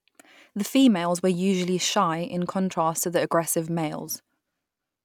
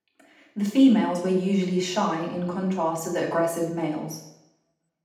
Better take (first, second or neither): first